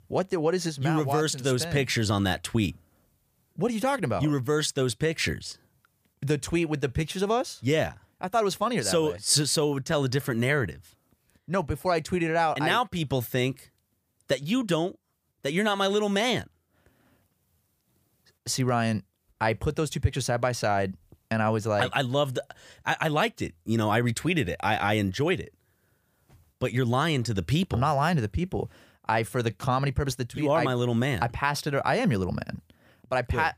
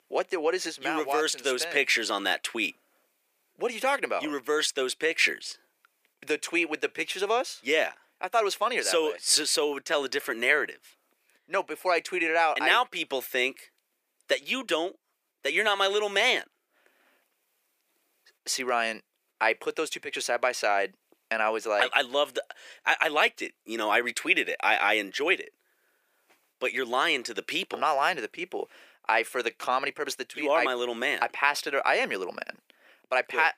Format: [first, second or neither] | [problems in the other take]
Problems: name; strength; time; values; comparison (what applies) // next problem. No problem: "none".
first | thin; very; fading below 350 Hz